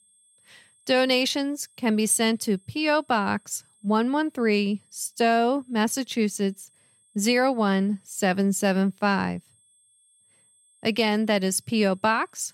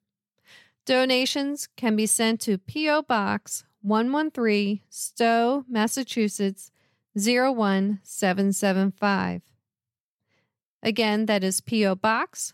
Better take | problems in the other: second | high-pitched whine; faint; throughout; 8.5 kHz, 35 dB below the speech

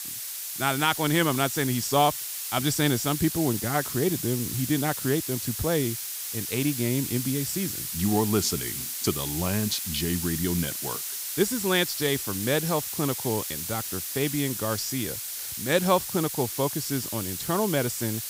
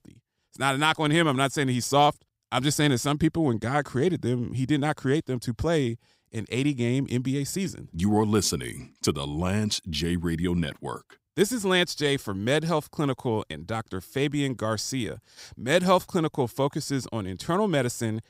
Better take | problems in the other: second | hiss; loud; throughout; 3 dB below the speech

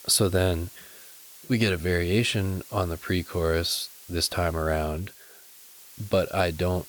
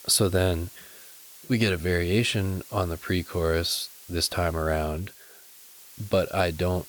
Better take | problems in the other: neither | hiss; noticeable; throughout; 20 dB below the speech; the same in both

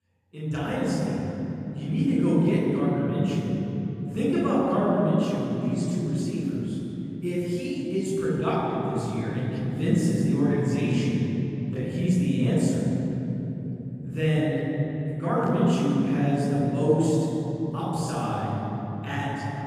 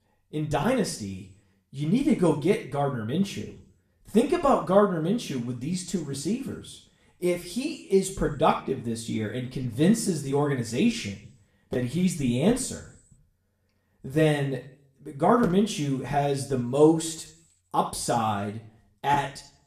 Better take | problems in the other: second | room echo; strong; dies away in 3 s; slight in the second // off-mic speech; far; somewhat distant in the second

